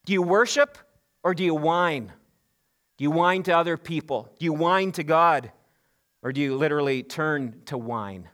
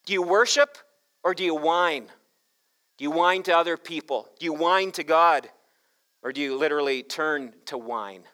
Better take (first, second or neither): first